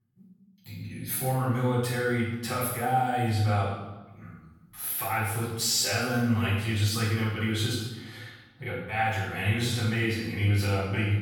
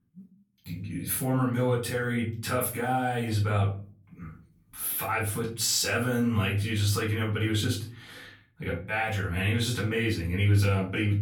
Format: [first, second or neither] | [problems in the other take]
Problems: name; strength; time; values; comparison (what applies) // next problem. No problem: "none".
second | room echo; strong; dies away in 0.9 s; slight in the second // off-mic speech; far; far in the second